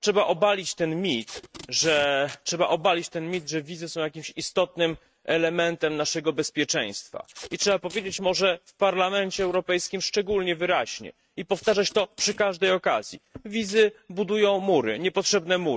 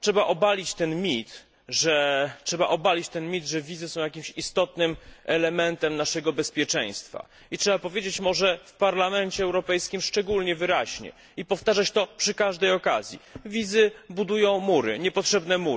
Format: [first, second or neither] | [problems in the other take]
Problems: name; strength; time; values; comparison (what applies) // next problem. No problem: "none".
second | noise reduction (neural mask model RNNoise)